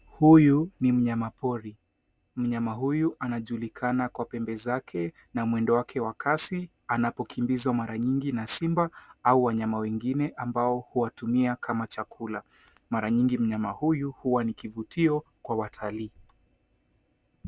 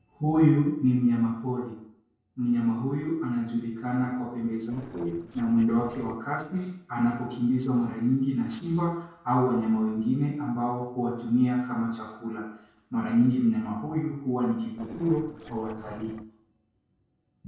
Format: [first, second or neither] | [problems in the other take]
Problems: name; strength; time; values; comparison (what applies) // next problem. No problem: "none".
first | noise reduction (neural separator model SepFormer DNS4)